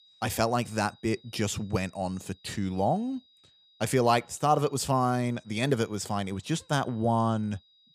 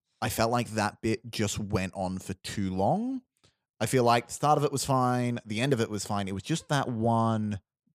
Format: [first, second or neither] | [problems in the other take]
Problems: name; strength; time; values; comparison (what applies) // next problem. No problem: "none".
second | high-pitched whine; faint; throughout; 4 kHz, 30 dB below the speech